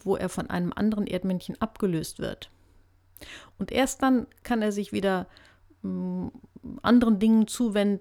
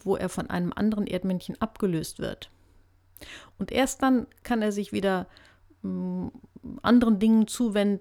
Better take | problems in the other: neither | none

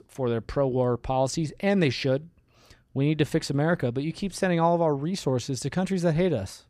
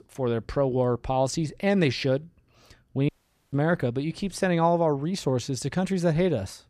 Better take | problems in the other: first | audio cutting out; at 3 s

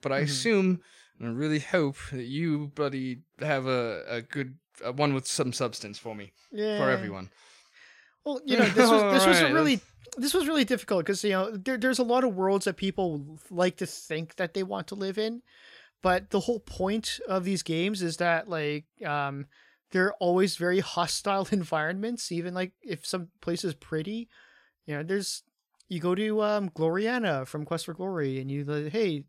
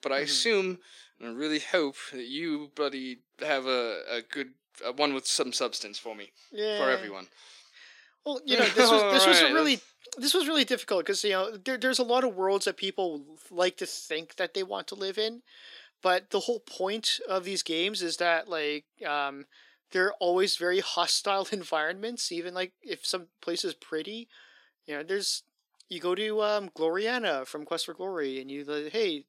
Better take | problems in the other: first | thin; very slightly; fading below 300 Hz

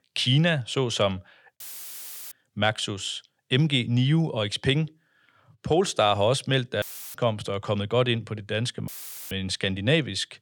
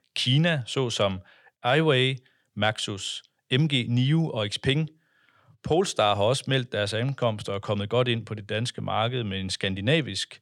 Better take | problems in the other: second | audio cutting out; filled with static; at 1.5 s for 0.5 s, at 7 s and at 9 s

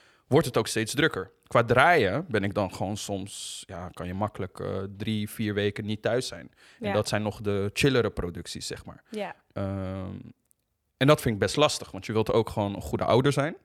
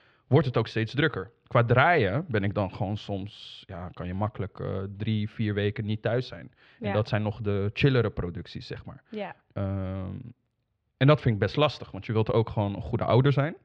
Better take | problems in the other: first | muffled; slightly; fading above 4 kHz

